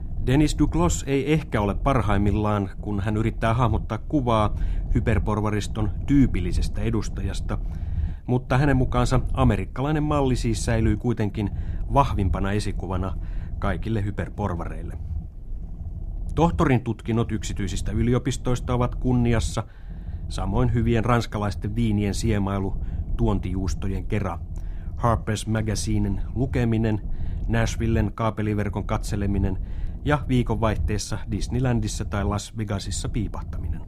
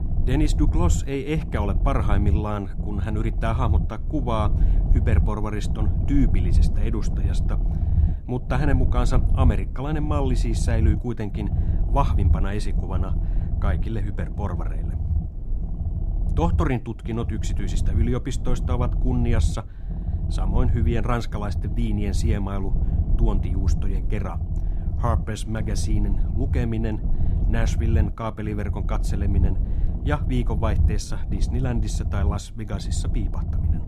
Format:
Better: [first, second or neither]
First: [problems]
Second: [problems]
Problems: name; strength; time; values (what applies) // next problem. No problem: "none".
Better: first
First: low rumble; faint; throughout; 20 dB below the speech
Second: low rumble; loud; throughout; 9 dB below the speech